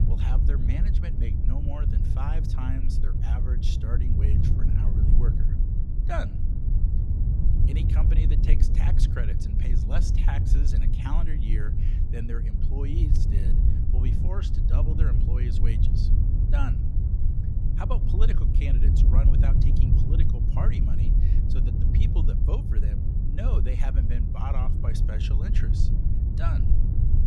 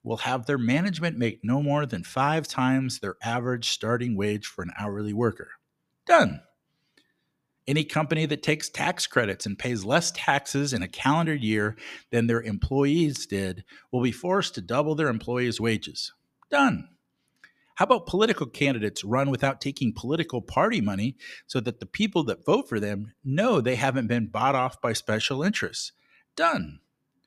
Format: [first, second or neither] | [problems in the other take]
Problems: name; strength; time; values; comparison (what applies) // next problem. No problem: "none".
second | low rumble; loud; throughout; as loud as the speech